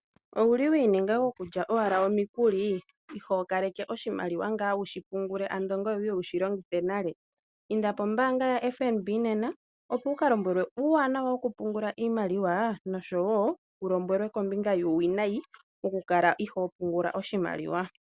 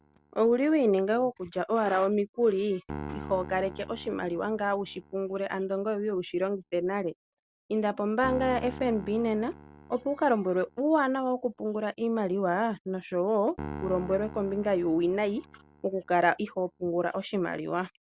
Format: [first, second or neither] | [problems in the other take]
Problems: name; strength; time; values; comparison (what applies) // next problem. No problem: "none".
first | background sound (Piano); 17 dB below the speech